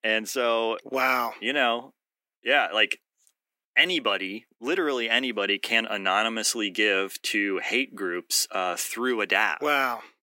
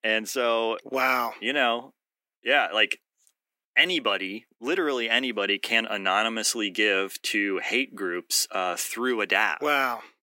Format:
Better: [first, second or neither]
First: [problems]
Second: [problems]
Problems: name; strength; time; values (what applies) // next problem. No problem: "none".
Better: neither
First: thin; somewhat; fading below 250 Hz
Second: thin; somewhat; fading below 250 Hz